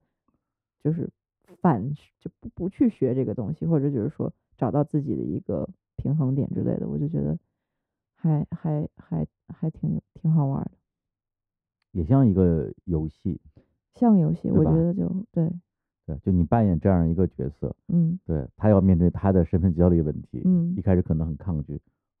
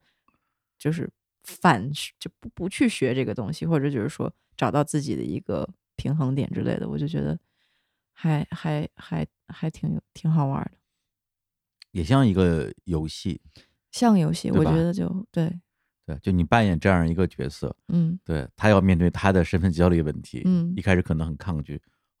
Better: second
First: muffled; very; fading above 1.5 kHz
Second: none

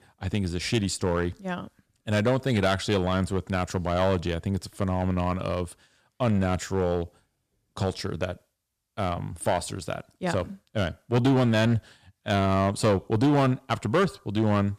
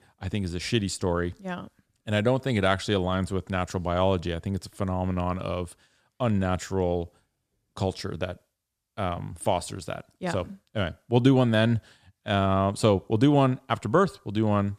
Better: second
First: distortion; slight; 5% of the sound clipped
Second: none

